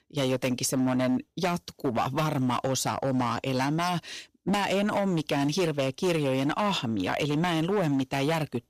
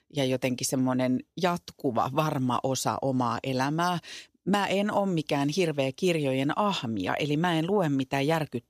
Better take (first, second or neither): second